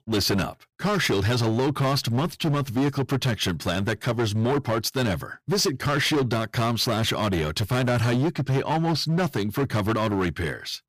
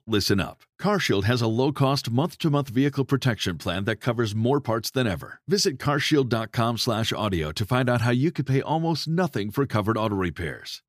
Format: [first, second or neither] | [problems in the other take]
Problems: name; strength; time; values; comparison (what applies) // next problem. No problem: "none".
second | distortion; heavy; 19% of the sound clipped